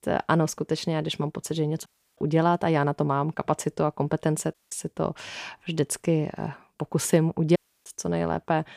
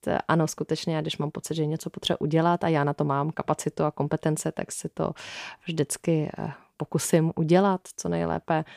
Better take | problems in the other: second | audio cutting out; at 2 s, at 4.5 s and at 7.5 s

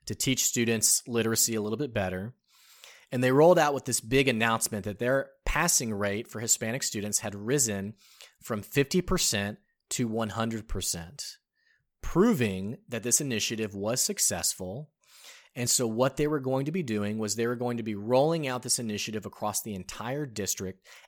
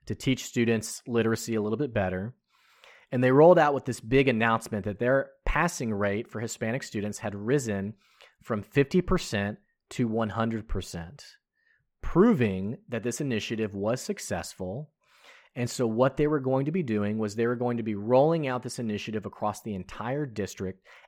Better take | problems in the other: first | muffled; very; fading above 3.5 kHz

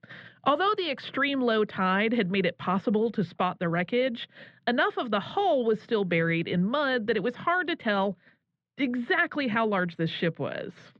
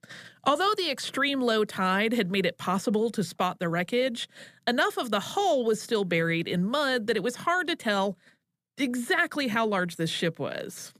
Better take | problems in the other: second | muffled; slightly; fading above 3.5 kHz

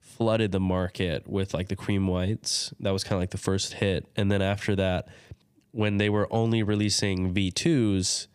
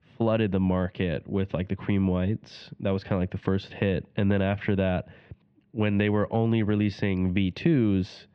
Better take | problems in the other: first | muffled; very; fading above 3 kHz

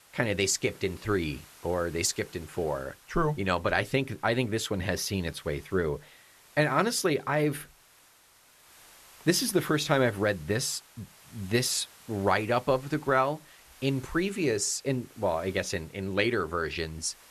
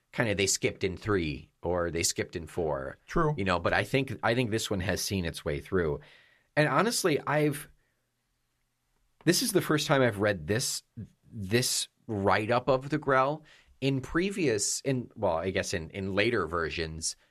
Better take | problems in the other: second | hiss; faint; throughout; 25 dB below the speech

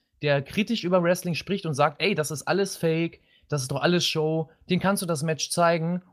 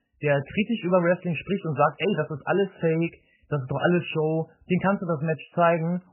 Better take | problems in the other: first | garbled, watery; badly; nothing above 3 kHz

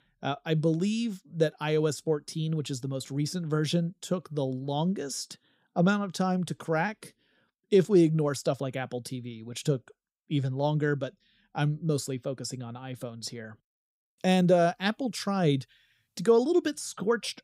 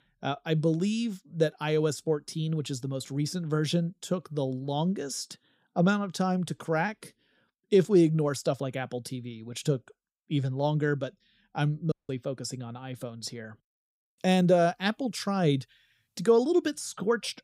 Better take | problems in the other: first | audio cutting out; at 12 s

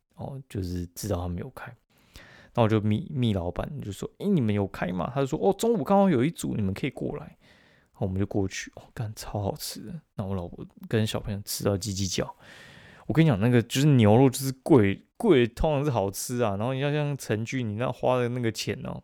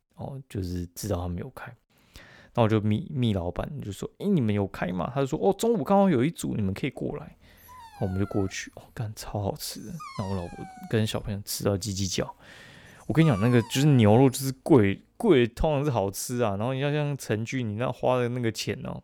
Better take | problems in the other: first | dog barking; faint; from 7.5 to 14 s; peak 10 dB below the speech

